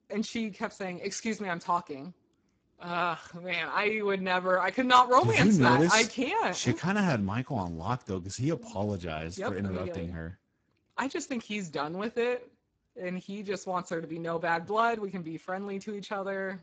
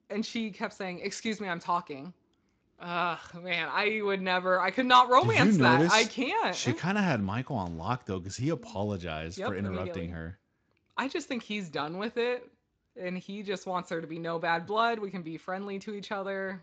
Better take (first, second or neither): second